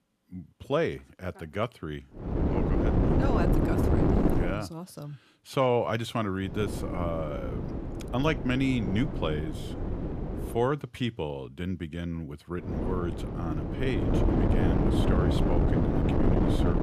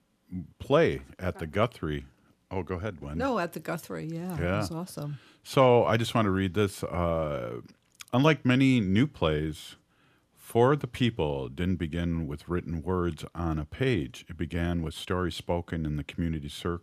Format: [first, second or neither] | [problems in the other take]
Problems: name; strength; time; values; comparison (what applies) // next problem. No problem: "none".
second | wind noise on the microphone; heavy; from 2.5 to 4.5 s, from 6.5 to 11 s and from 13 s on; as loud as the speech